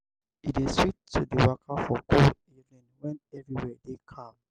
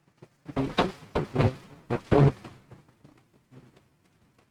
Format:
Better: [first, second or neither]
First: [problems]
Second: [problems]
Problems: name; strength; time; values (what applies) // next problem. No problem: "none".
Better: first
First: none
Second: noise reduction (neural mask model RNNoise)